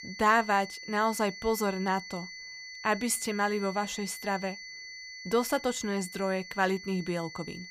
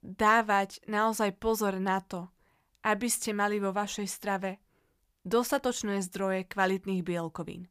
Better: second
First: high-pitched whine; noticeable; throughout; 2 kHz, 10 dB below the speech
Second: none

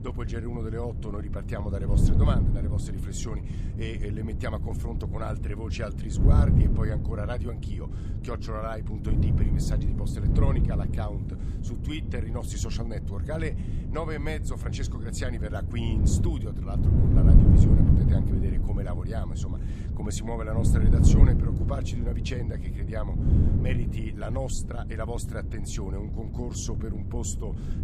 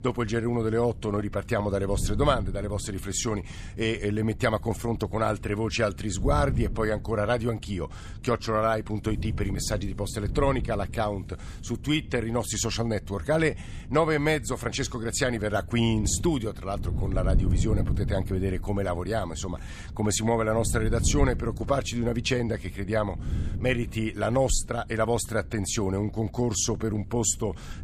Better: second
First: wind noise on the microphone; heavy; 1 dB below the speech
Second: wind noise on the microphone; occasional gusts; 20 dB below the speech

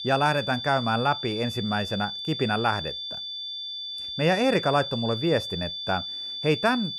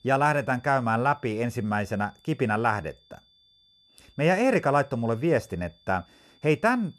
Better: second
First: high-pitched whine; loud; throughout; 3.5 kHz, 6 dB below the speech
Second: high-pitched whine; faint; throughout; 3.5 kHz, 35 dB below the speech

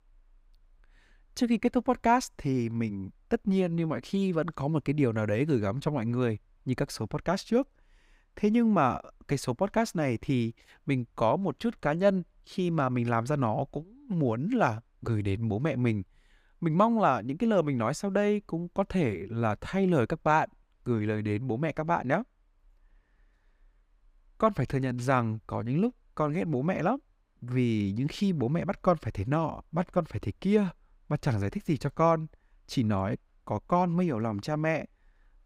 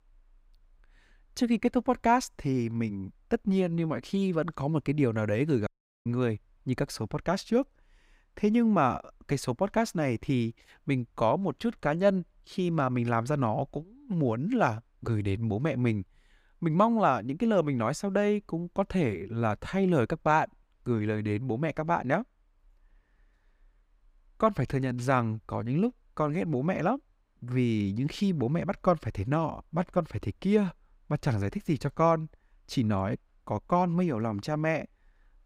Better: first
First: none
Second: audio cutting out; at 5.5 s

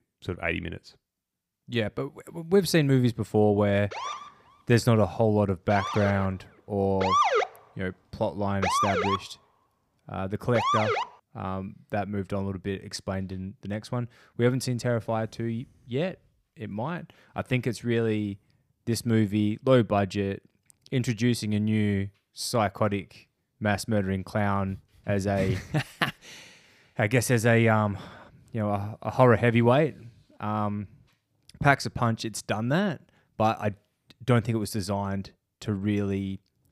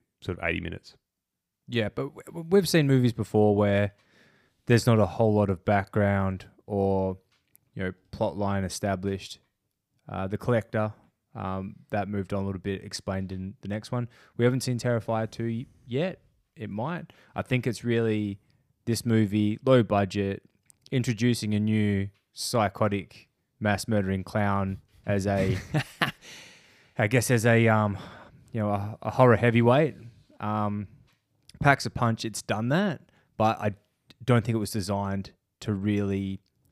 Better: second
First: siren; loud; from 4 to 11 s; peak 5 dB above the speech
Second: none

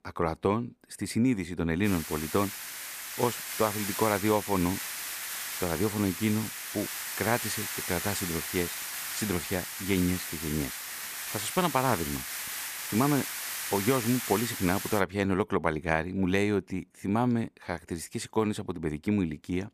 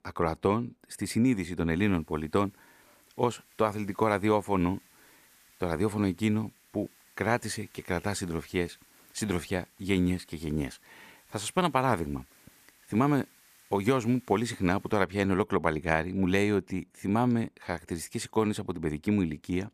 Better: second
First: hiss; loud; from 2 to 15 s; 4 dB below the speech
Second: hiss; faint; from 2 to 15 s; 30 dB below the speech

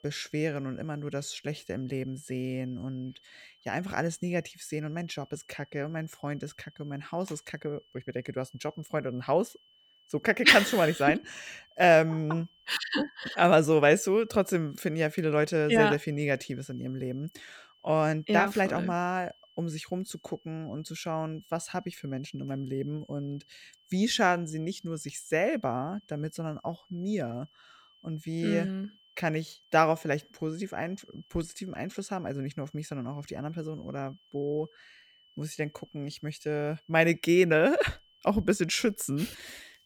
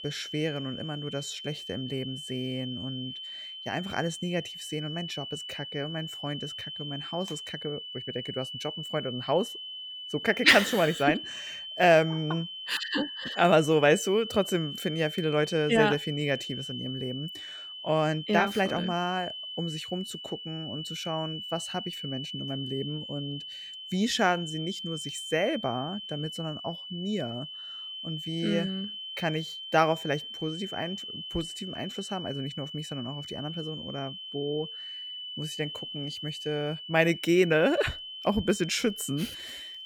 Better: first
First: high-pitched whine; faint; throughout; 3 kHz, 30 dB below the speech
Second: high-pitched whine; loud; throughout; 3 kHz, 8 dB below the speech

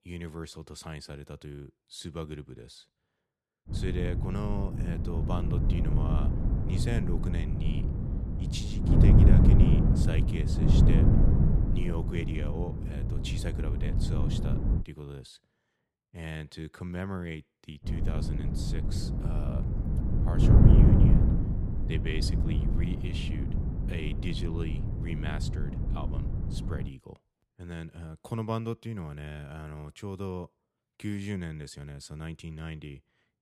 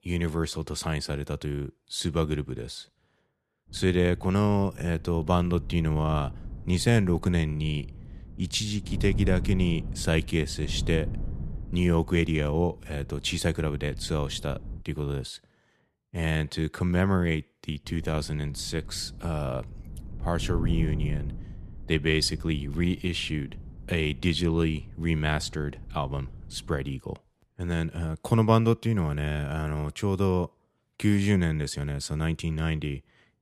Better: second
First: wind noise on the microphone; heavy; from 3.5 to 15 s and from 18 to 27 s; 3 dB above the speech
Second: wind noise on the microphone; occasional gusts; from 3.5 to 15 s and from 18 to 27 s; 20 dB below the speech

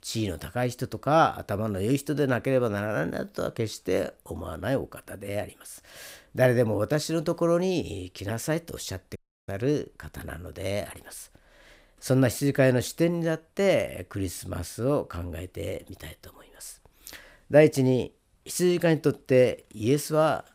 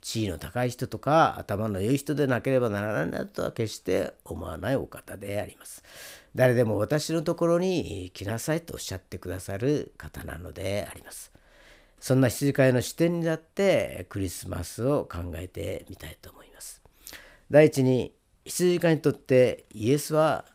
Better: second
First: audio cutting out; at 9 s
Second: none

